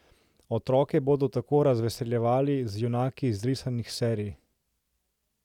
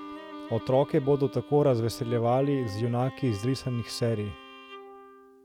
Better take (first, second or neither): first